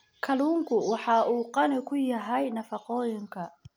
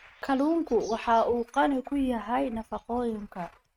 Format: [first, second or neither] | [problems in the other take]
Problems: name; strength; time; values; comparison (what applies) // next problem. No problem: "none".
first | noise reduction (neural mask model RNNoise)